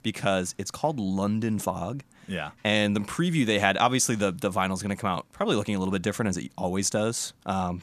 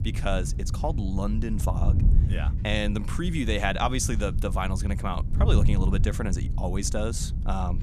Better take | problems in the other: first | wind noise on the microphone; occasional gusts; 10 dB below the speech

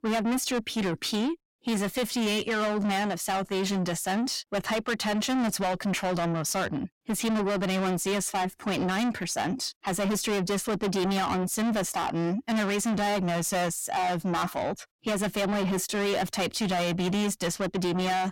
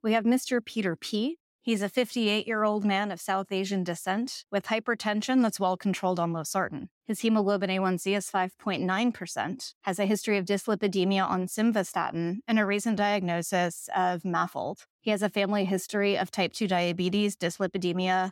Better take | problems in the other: second | distortion; heavy; 6 dB below the speech

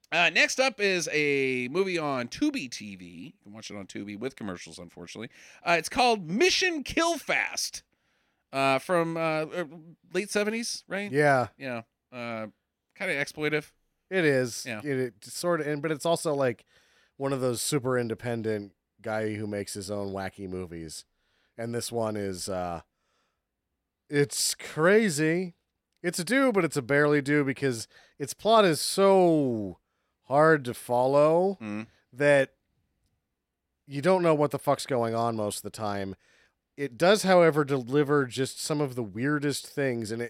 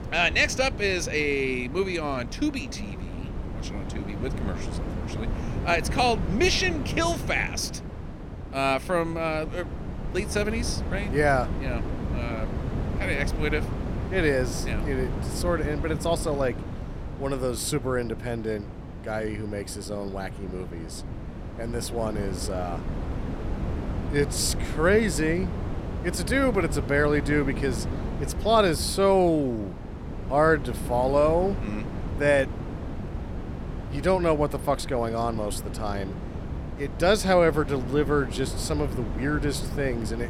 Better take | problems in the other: first | wind noise on the microphone; occasional gusts; 15 dB below the speech

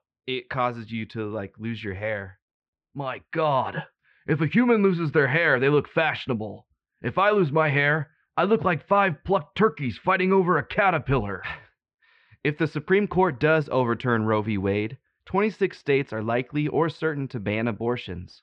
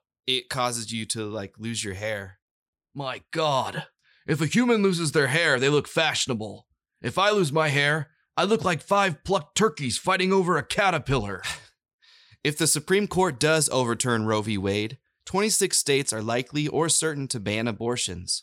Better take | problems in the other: second | muffled; very; fading above 2.5 kHz

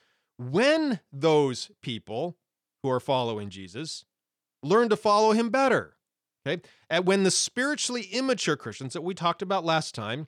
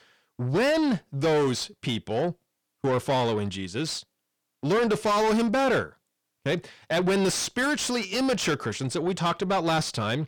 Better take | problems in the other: first | distortion; heavy; 7 dB below the speech

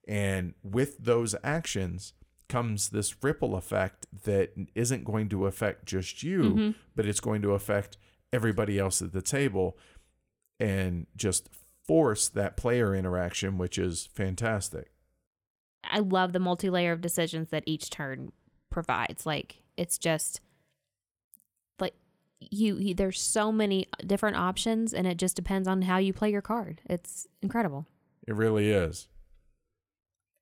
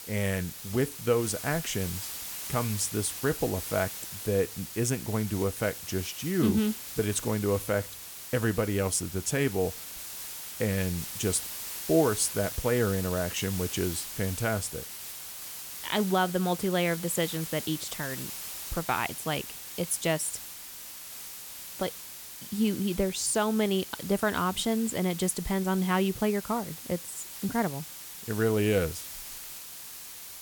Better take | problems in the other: first | hiss; loud; throughout; 8 dB below the speech

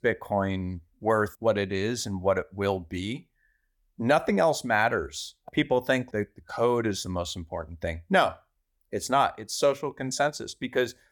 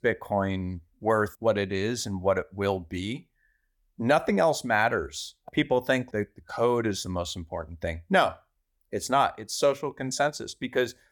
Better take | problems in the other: neither | none

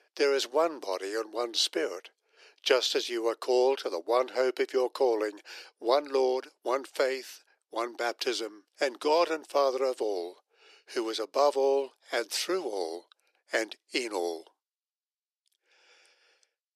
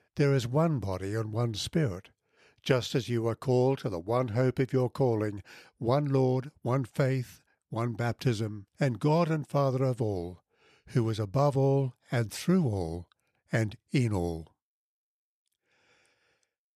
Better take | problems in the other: second | thin; very; fading below 350 Hz

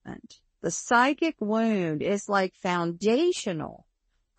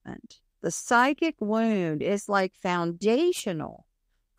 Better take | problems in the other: second | garbled, watery; slightly; nothing above 8 kHz

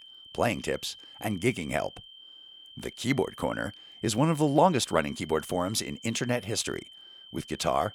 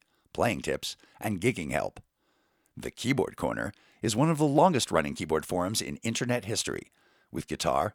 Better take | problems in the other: second | high-pitched whine; noticeable; throughout; 3 kHz, 20 dB below the speech

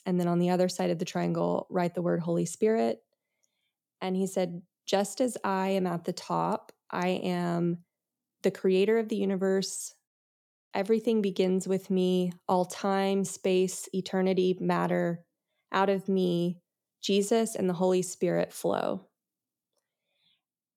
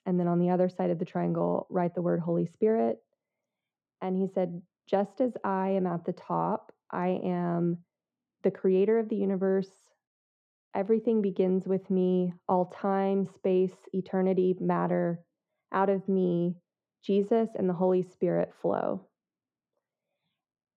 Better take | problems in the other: first | muffled; very; fading above 4 kHz

